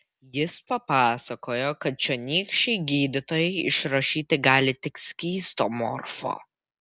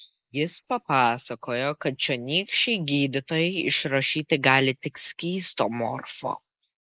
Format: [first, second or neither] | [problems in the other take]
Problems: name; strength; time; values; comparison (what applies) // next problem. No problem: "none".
first | noise reduction (neural mask model Resemble Enhance denoiser)